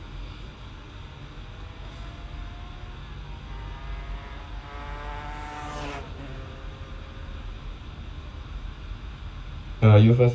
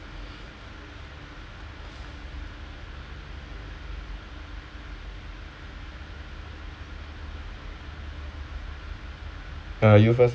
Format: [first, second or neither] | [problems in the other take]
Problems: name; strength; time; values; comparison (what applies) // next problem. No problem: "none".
second | background sound (Motorcycle); 18 dB below the speech // room echo; dies away in 0.2 s